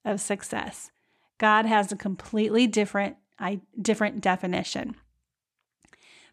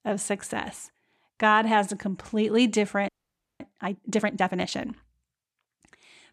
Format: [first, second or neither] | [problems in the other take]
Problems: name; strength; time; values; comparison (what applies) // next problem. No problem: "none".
first | audio freezing; at 3 s for 0.5 s